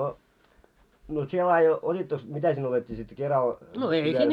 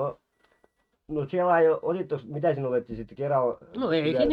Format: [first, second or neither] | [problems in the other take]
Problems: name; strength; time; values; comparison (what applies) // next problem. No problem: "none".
first | noise reduction (neural mask model RNNoise)